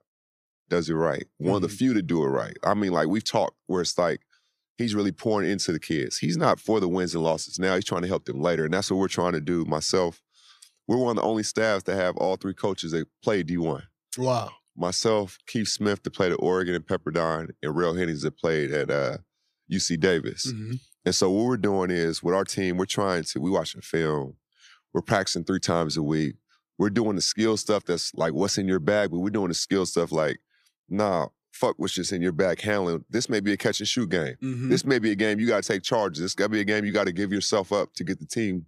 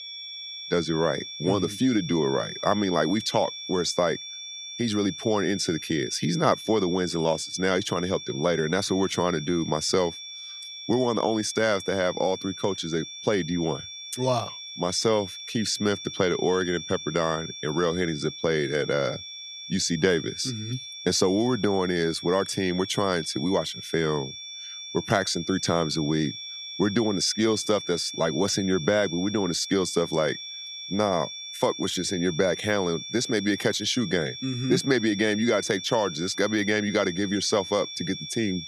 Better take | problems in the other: first | high-pitched whine; loud; throughout; 3.5 kHz, 10 dB below the speech

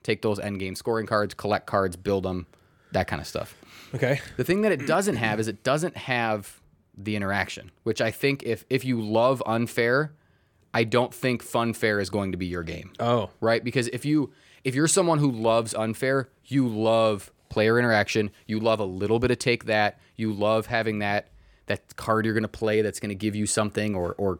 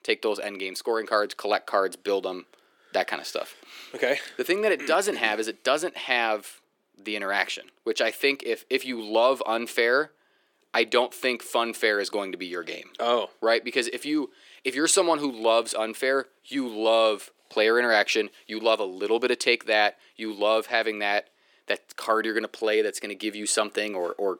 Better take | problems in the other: first | thin; somewhat; fading below 300 Hz

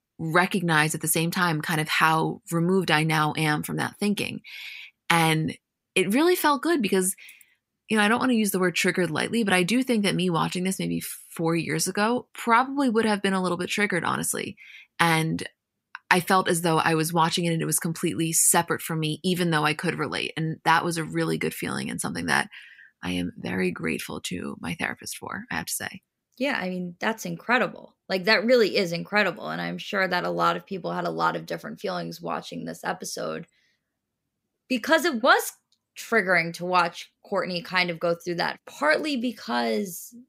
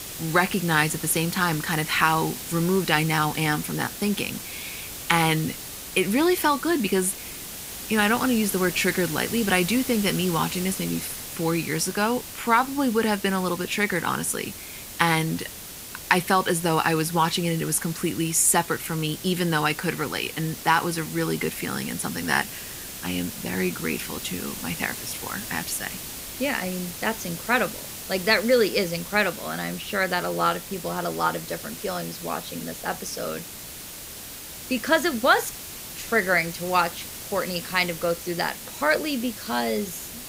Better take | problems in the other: first | hiss; loud; throughout; 10 dB below the speech

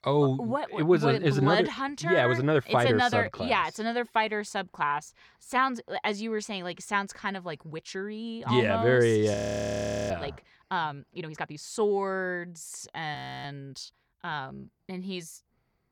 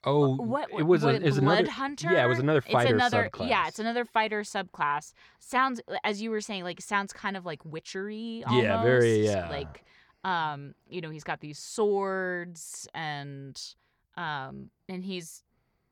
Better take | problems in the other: second | audio freezing; at 9.5 s for 1 s and at 13 s

